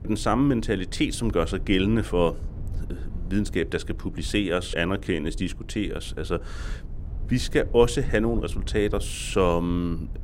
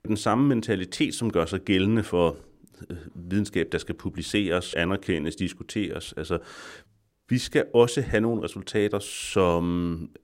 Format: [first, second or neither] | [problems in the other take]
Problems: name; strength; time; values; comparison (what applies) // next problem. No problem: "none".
second | low rumble; faint; throughout; 25 dB below the speech